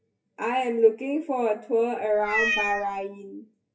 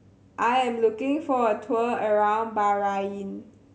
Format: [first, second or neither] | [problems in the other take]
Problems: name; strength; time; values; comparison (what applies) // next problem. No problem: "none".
second | noise reduction (classical method WPE with log-MMSE)